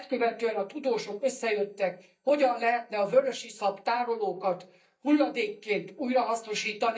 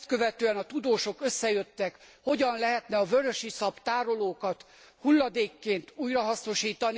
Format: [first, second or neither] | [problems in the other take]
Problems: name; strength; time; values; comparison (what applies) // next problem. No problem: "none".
second | noise reduction (neural mask model DeepFilterNet 3)